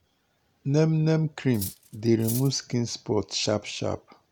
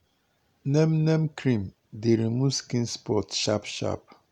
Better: second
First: background sound (Cutlery, silverware); 13 dB below the speech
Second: none

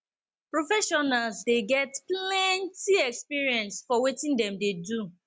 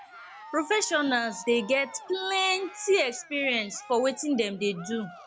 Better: first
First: none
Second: background sound (Cheering); 18 dB below the speech

